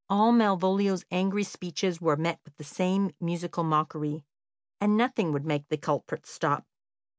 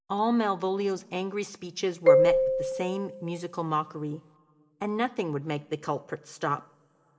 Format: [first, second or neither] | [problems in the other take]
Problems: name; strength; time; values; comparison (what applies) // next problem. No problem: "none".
first | background sound (Marimba, xylophone); 5 dB above the speech // room echo; dies away in 0.7 s